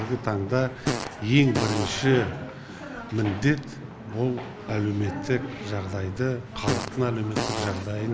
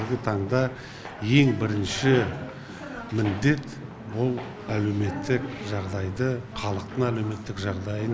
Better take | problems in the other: second | background sound (Fart); 5 dB below the speech

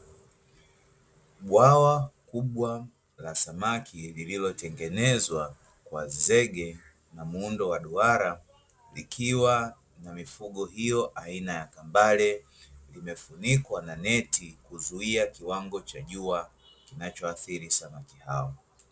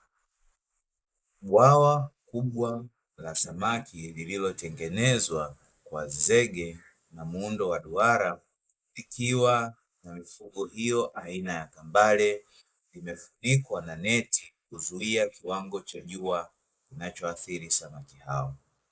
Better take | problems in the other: first | noise reduction (neural mask model Resemble Enhance denoiser)

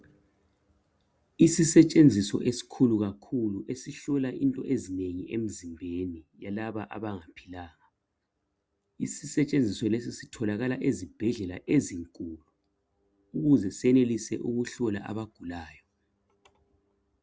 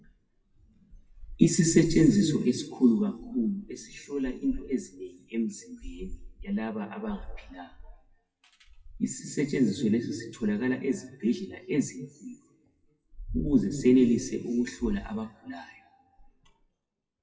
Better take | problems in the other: first | noise reduction (classical method WPE with log-MMSE)

